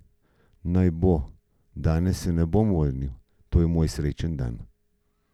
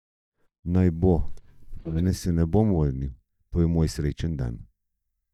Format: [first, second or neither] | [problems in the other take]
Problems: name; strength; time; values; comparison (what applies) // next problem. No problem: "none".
first | noise reduction (neural mask model DeepFilterNet 3)